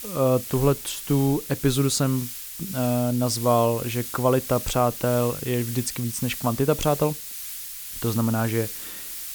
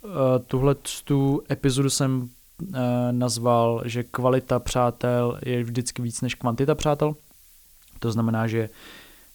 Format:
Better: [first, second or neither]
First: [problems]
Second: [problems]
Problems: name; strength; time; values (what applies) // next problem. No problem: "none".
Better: second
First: hiss; loud; throughout; 8 dB below the speech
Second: hiss; faint; throughout; 25 dB below the speech